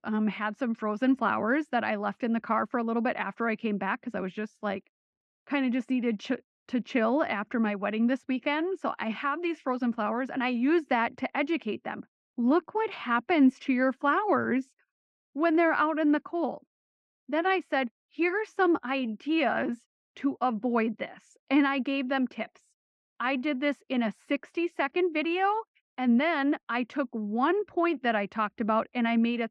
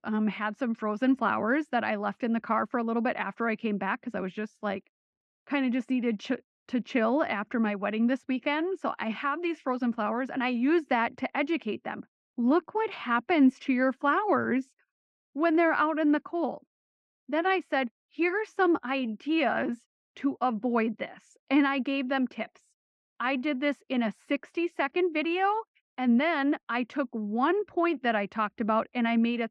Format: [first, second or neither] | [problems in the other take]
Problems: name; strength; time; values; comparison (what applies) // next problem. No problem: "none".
neither | muffled; slightly; fading above 2.5 kHz; the same in both